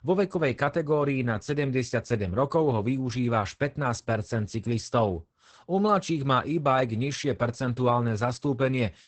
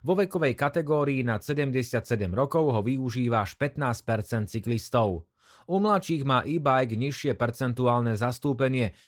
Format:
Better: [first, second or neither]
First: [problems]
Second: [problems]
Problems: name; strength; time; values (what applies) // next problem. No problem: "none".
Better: second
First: garbled, watery; badly; nothing above 8 kHz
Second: garbled, watery; slightly; nothing above 17.5 kHz